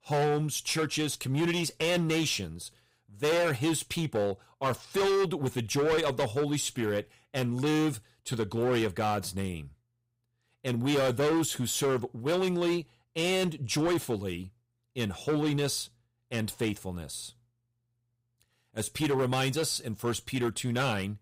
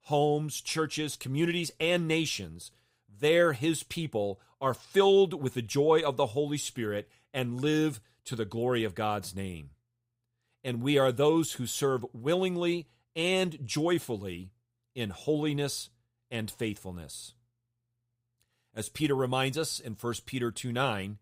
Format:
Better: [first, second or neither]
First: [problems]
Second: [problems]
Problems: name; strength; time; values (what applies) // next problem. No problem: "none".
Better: second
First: distortion; heavy; 12% of the sound clipped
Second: none